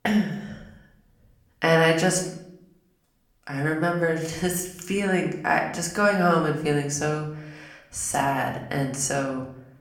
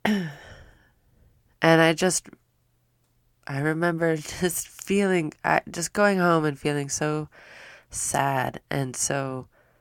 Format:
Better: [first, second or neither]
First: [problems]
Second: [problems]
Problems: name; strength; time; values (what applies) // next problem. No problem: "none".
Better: second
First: room echo; slight; dies away in 0.6 s // off-mic speech; somewhat distant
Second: none